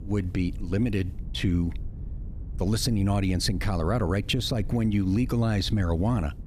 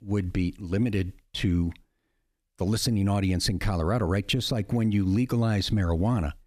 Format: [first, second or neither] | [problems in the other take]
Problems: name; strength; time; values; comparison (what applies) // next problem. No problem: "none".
second | low rumble; faint; throughout; 20 dB below the speech